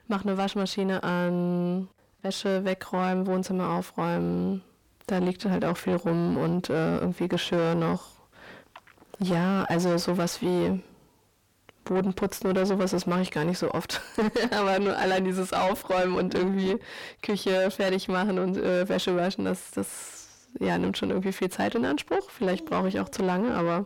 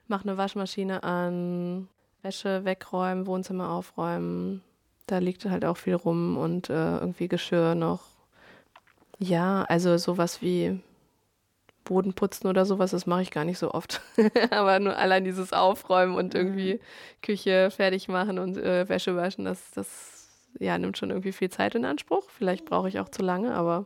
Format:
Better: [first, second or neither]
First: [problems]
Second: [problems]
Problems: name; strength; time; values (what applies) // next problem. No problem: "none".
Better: second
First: distortion; heavy; 7 dB below the speech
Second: none